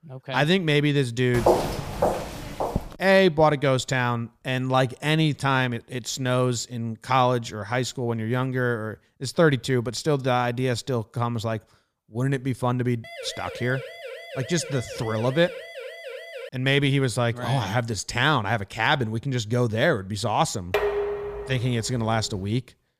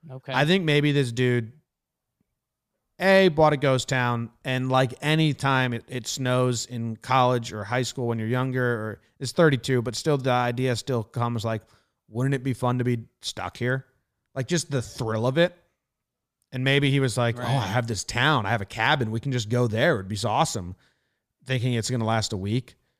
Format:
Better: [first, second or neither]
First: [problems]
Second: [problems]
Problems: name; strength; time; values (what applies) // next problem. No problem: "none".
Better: second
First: footsteps; loud; from 1.5 to 3 s; peak 2 dB above the speech // siren; faint; from 13 to 16 s; peak 10 dB below the speech // clattering dishes; noticeable; at 21 s; peak level with the speech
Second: none